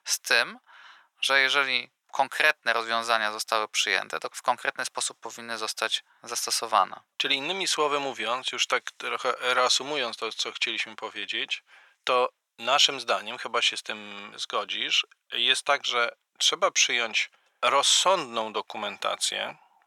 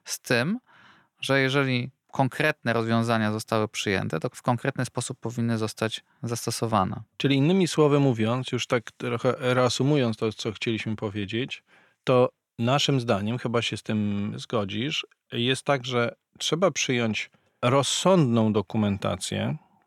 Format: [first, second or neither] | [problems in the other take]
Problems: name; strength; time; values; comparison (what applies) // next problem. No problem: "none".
second | thin; very; fading below 900 Hz